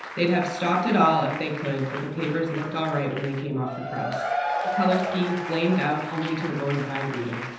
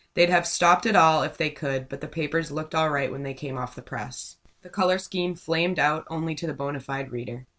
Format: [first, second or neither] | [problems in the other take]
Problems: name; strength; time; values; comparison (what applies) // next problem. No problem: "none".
second | background sound (Applause / Crowd / Cheering); 7 dB below the speech // room echo; dies away in 0.9 s